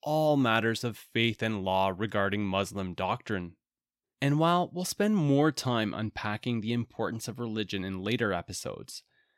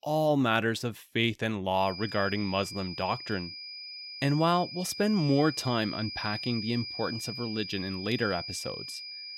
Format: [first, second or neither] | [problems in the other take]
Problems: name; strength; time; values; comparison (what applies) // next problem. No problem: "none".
first | high-pitched whine; loud; from 2 s on; 5 kHz, 8 dB below the speech